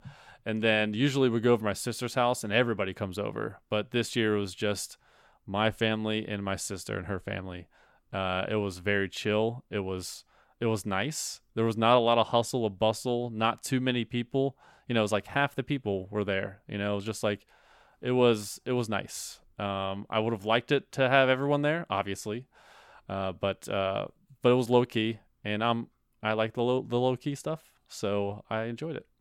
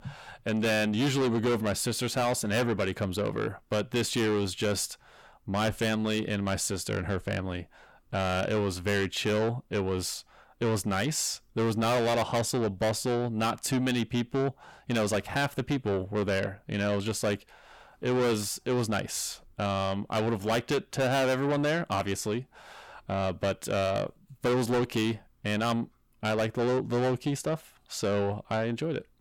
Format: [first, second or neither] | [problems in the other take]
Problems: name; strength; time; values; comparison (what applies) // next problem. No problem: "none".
first | distortion; heavy; 6 dB below the speech